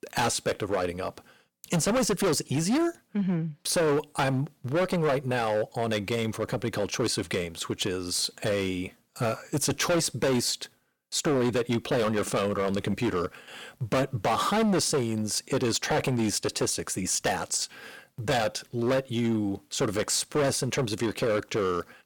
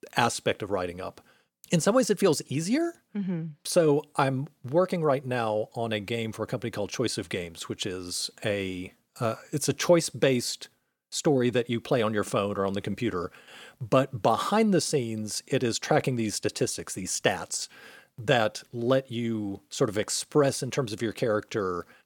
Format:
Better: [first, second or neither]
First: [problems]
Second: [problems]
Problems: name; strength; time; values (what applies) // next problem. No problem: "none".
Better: second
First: distortion; heavy; 13% of the sound clipped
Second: none